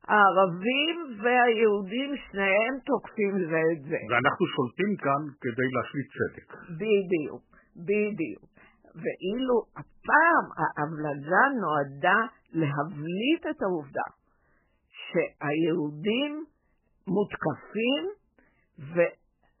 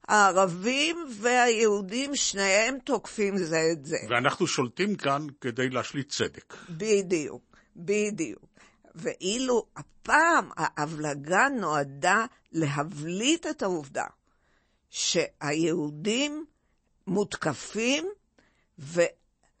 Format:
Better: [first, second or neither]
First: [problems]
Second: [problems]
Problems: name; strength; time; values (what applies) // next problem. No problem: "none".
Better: second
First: garbled, watery; badly; nothing above 3 kHz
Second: garbled, watery; slightly; nothing above 8 kHz